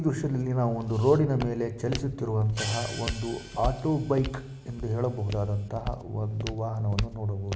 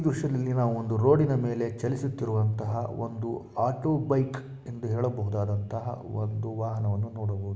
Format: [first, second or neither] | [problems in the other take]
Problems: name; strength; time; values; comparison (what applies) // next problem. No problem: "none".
second | background sound (Walk, footsteps + Hi-hat); 10 dB below the speech